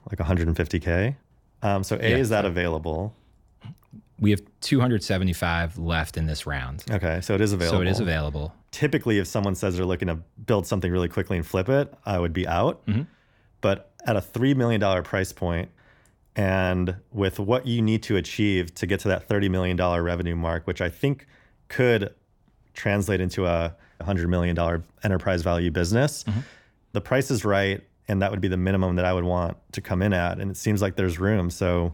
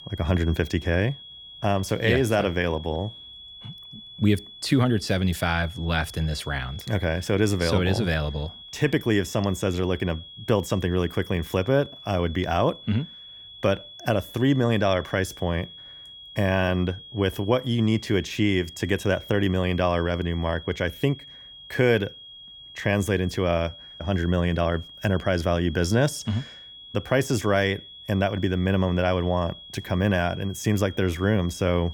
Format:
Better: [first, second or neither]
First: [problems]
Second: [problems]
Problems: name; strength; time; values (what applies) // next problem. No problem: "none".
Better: first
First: none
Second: high-pitched whine; noticeable; throughout; 3.5 kHz, 15 dB below the speech